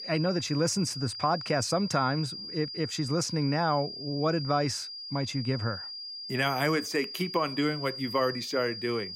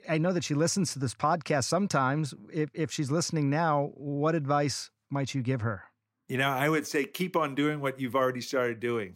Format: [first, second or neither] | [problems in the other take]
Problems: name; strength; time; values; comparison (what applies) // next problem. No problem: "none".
second | high-pitched whine; loud; throughout; 5 kHz, 7 dB below the speech